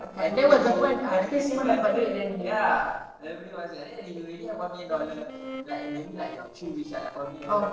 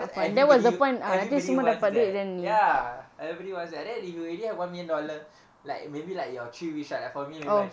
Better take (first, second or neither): second